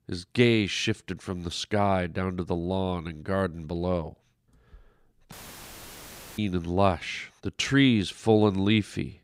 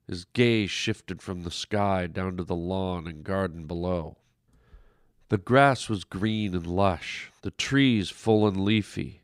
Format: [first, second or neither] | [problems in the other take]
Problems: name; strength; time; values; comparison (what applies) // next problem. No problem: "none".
second | audio cutting out; filled with static; at 5.5 s for 1 s